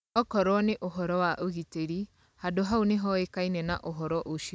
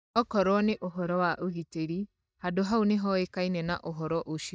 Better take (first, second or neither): first